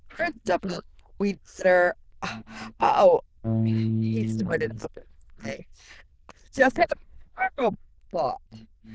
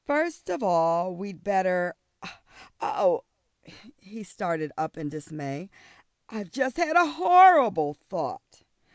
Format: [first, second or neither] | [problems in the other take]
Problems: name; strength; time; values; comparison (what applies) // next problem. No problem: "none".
second | noise reduction (neural diffusion model UNIVERSE++)